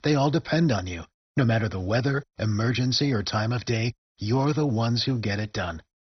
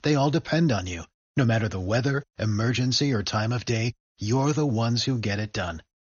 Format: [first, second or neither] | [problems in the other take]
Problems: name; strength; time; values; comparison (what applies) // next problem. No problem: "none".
second | garbled, watery; badly; nothing above 6 kHz; slightly in the second